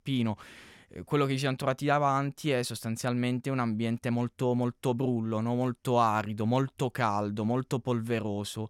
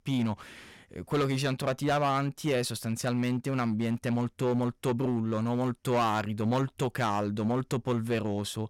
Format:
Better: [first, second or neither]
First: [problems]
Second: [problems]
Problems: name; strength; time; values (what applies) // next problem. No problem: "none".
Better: first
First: none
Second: distortion; slight; 7% of the sound clipped